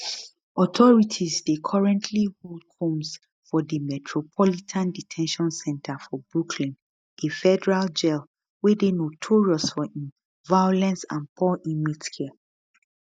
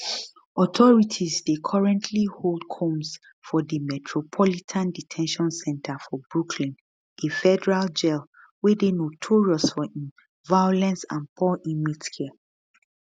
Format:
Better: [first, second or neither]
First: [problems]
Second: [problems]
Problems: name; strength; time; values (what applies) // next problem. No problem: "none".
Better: second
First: noise reduction (neural mask model DeepFilterNet 3)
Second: none